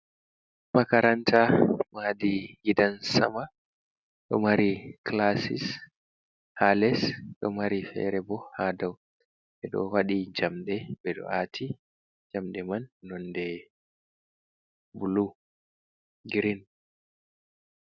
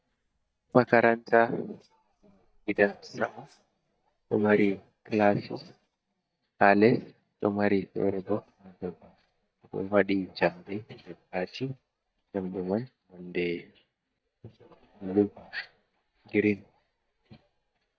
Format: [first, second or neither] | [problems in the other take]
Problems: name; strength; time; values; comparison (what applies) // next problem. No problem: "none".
first | noise reduction (neural mask model DeepFilterNet 3)